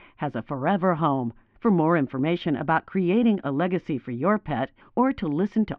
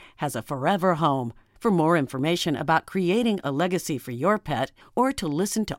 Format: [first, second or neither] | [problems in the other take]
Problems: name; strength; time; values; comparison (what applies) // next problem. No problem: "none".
second | muffled; very; fading above 2.5 kHz